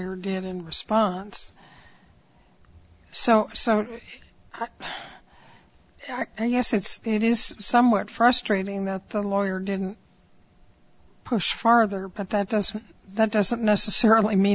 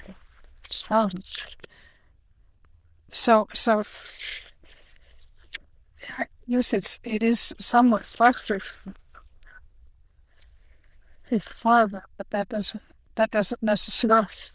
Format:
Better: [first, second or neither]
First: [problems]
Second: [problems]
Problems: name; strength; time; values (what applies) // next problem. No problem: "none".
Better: first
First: none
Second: noise reduction (neural diffusion model UNIVERSE++)